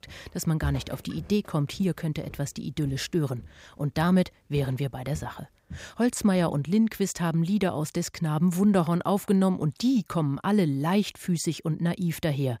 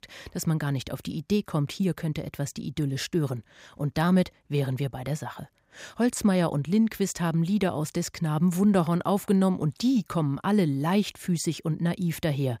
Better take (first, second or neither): second